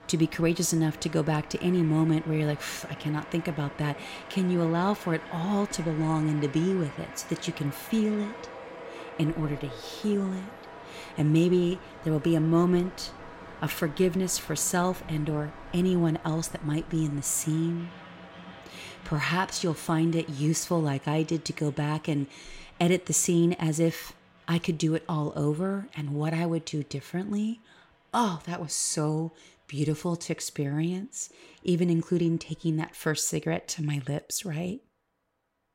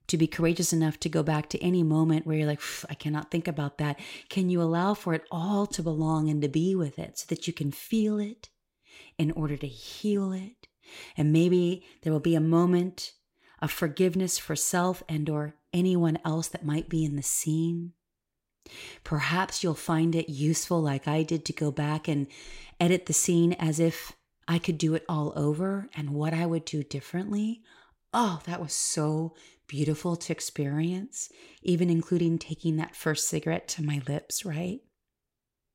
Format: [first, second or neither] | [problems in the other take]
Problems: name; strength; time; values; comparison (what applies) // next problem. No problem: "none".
second | train or aircraft noise; noticeable; throughout; 15 dB below the speech